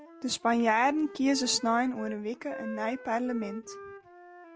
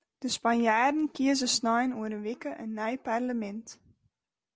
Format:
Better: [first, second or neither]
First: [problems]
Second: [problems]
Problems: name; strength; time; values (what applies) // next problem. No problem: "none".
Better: second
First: background sound (Wind instrument, woodwind instrument); 15 dB below the speech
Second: none